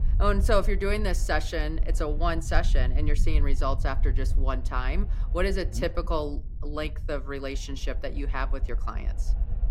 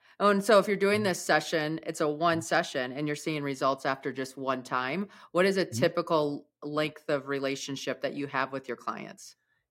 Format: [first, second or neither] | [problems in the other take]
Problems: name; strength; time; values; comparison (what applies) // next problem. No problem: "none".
second | low rumble; noticeable; throughout; 20 dB below the speech